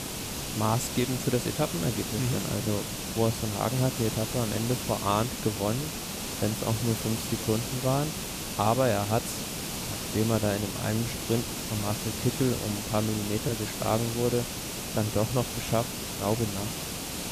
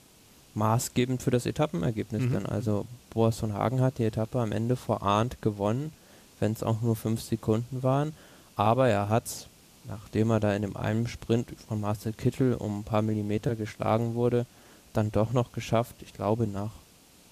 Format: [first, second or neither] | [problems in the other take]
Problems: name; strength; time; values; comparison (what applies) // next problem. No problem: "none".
second | hiss; loud; throughout; 3 dB below the speech; faint in the second